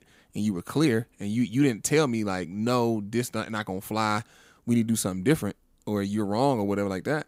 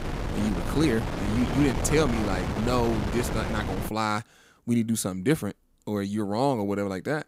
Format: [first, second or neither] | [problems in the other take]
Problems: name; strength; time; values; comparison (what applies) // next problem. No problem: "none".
first | wind noise on the microphone; heavy; until 4 s; 4 dB below the speech